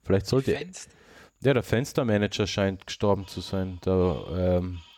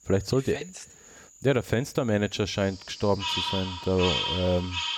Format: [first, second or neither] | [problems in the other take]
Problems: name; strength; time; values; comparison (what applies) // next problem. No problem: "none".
first | animal sounds; loud; throughout; 2 dB below the speech; faint in the first